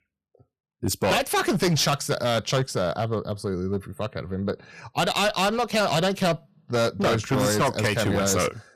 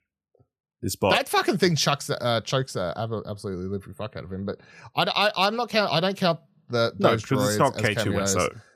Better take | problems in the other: second | distortion; heavy; 13% of the sound clipped

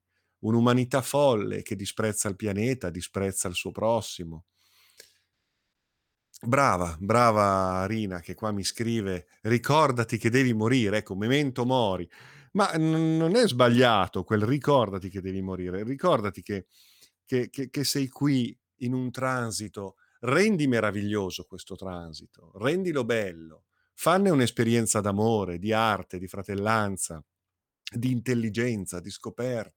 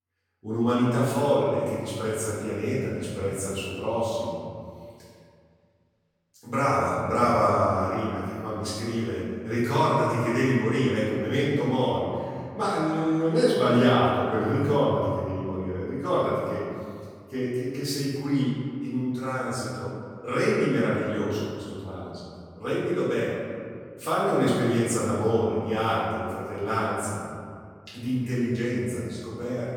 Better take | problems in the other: first | room echo; strong; dies away in 2 s // off-mic speech; far

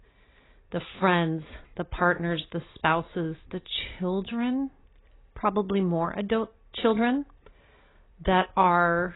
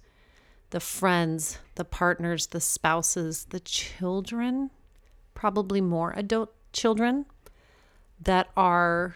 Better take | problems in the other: second | garbled, watery; badly; nothing above 4 kHz

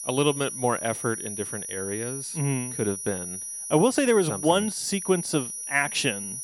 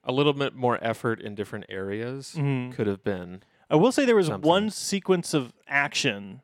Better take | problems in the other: second | high-pitched whine; loud; throughout; 9.5 kHz, 6 dB below the speech

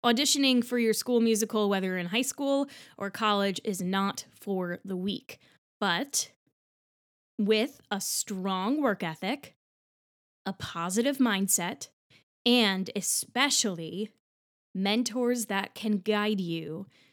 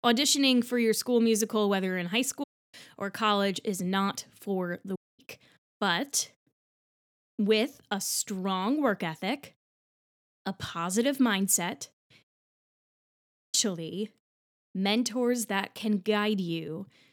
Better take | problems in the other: first | audio cutting out; at 2.5 s, at 5 s and at 12 s for 1 s

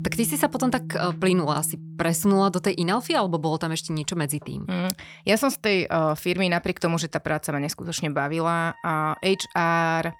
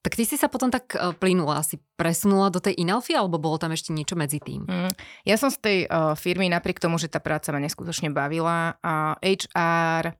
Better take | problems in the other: second | background music; noticeable; throughout; 15 dB below the speech

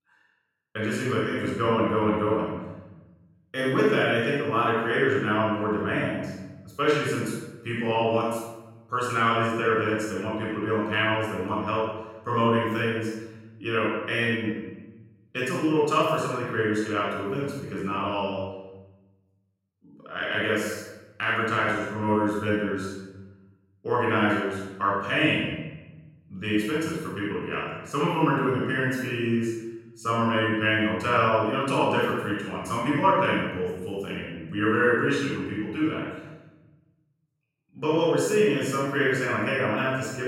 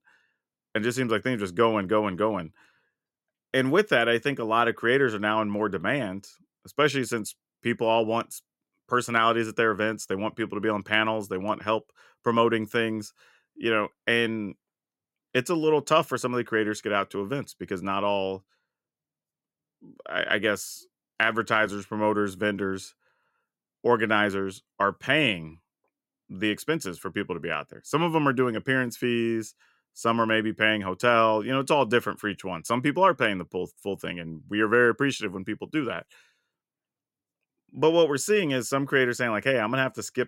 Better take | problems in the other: second | off-mic speech; far // room echo; strong; dies away in 1 s

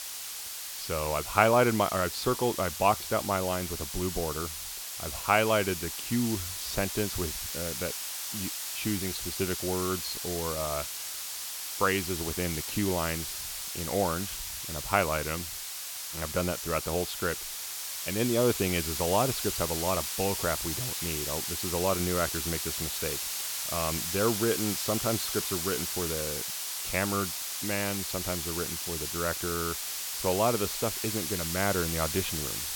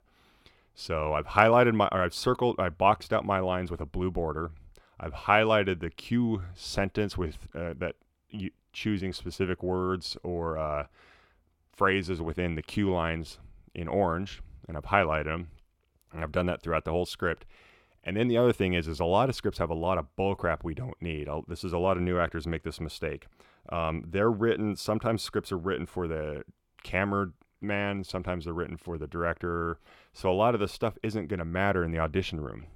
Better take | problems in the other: second | hiss; loud; throughout; 2 dB below the speech

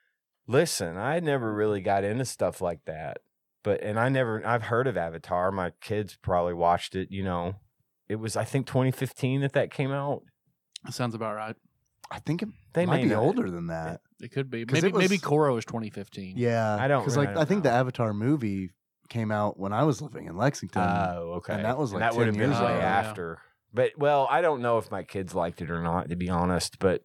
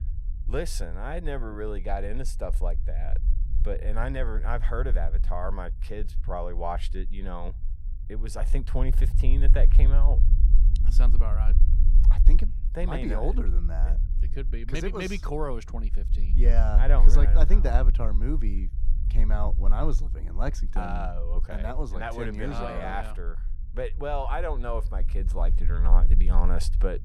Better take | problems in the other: first | low rumble; noticeable; throughout; 15 dB below the speech

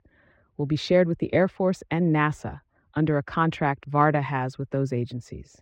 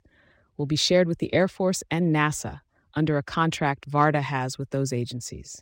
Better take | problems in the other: second | muffled; slightly; fading above 4 kHz

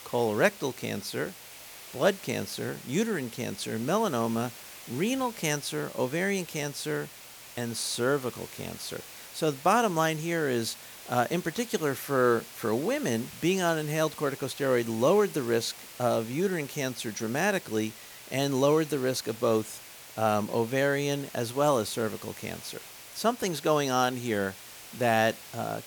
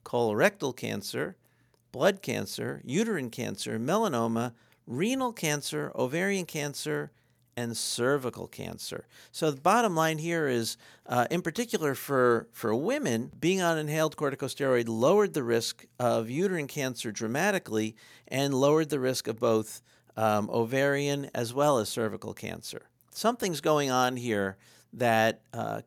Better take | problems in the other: second | hiss; noticeable; throughout; 15 dB below the speech

